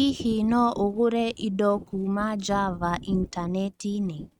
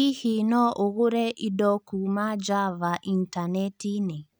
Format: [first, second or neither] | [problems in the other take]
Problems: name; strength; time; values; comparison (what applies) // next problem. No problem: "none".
second | noise reduction (neural mask model RNNoise)